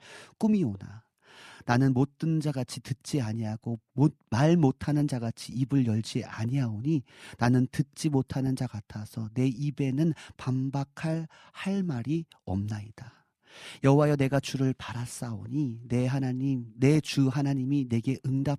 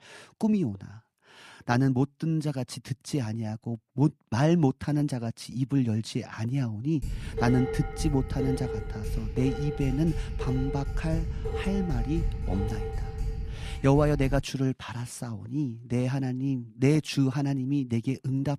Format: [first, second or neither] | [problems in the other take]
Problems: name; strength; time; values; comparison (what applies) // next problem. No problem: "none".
first | clattering dishes; noticeable; from 7 to 14 s; peak 3 dB below the speech